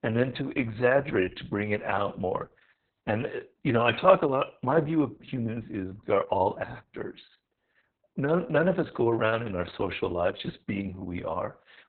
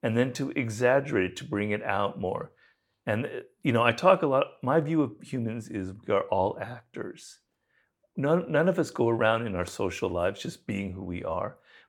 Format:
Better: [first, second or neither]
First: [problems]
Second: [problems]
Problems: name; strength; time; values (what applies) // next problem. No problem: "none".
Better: second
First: garbled, watery; badly; nothing above 4 kHz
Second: none